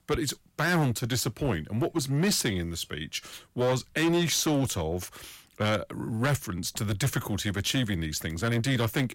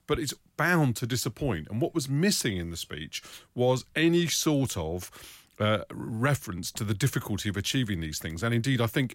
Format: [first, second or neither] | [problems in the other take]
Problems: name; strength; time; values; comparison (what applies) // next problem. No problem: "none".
second | distortion; slight; 9% of the sound clipped